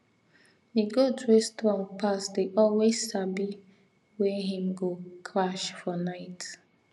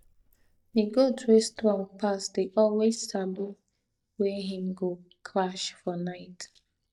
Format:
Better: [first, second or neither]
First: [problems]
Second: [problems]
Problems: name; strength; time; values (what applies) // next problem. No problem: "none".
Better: first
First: none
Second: noise reduction (neural mask model DeepFilterNet 3)